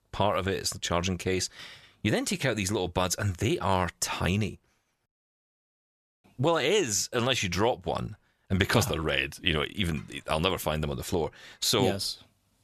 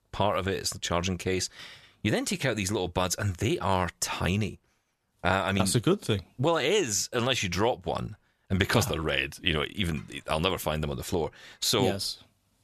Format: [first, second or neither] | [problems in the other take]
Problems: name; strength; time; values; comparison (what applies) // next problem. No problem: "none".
second | audio cutting out; at 5 s for 1 s